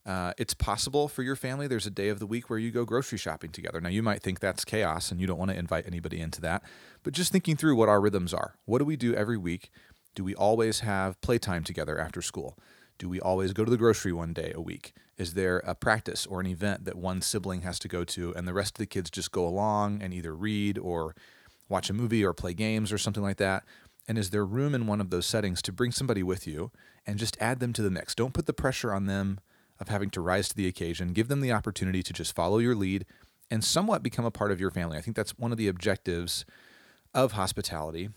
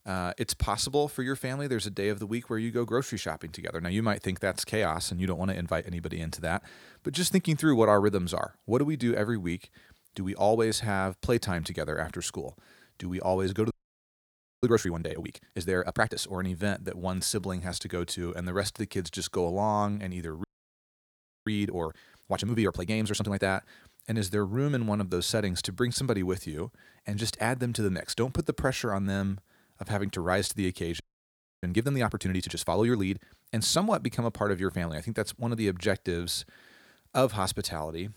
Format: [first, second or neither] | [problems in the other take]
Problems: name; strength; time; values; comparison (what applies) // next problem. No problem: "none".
first | audio freezing; at 14 s for 1 s, at 20 s for 1 s and at 31 s for 0.5 s